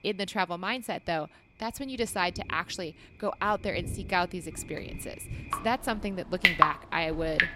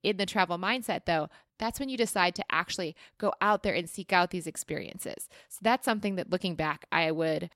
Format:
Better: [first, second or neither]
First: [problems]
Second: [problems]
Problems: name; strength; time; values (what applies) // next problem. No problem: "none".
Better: second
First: rain or running water; very loud; throughout; 4 dB above the speech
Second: none